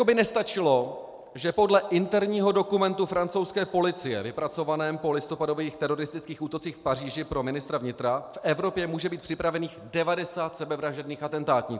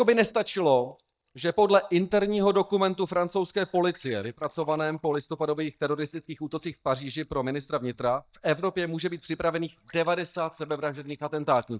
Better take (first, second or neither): first